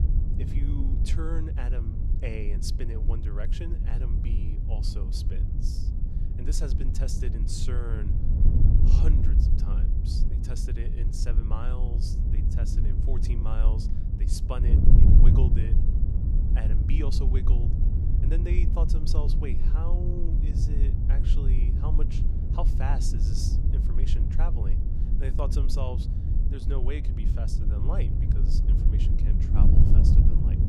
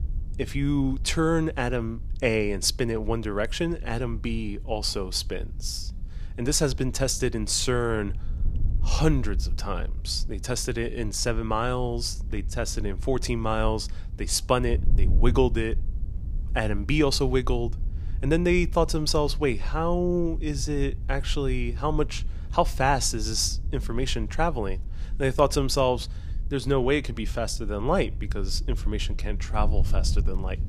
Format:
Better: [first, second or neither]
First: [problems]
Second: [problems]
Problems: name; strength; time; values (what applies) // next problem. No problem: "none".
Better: second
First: wind noise on the microphone; heavy; as loud as the speech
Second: wind noise on the microphone; occasional gusts; 25 dB below the speech